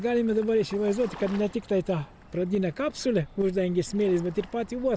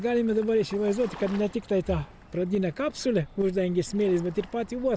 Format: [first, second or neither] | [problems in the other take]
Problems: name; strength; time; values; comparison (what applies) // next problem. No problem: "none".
first | background sound (Breathing); 20 dB below the speech